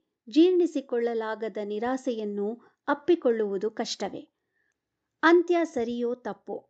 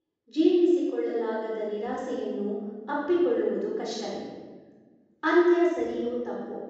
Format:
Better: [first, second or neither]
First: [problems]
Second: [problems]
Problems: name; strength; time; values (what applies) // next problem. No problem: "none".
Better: first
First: none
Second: off-mic speech; far // room echo; strong; dies away in 1.3 s